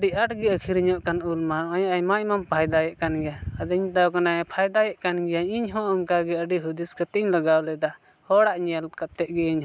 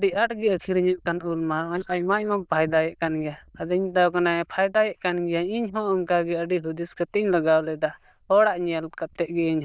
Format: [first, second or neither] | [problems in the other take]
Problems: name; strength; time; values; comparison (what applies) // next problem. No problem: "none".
first | noise reduction (neural diffusion model UNIVERSE++)